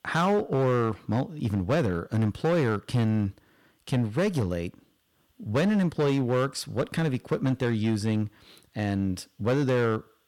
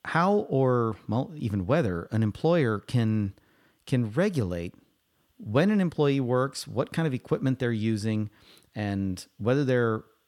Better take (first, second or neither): second